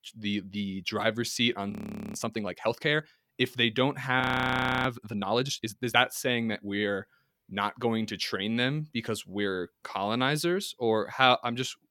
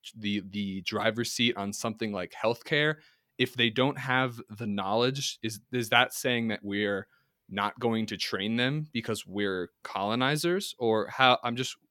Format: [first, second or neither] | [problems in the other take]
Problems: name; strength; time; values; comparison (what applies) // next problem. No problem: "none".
second | audio freezing; at 1.5 s and at 4 s for 0.5 s